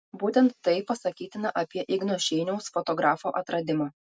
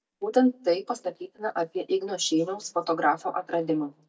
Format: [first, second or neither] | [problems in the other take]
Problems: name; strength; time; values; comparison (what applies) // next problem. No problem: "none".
first | noise reduction (neural mask model DeepFilterNet 3)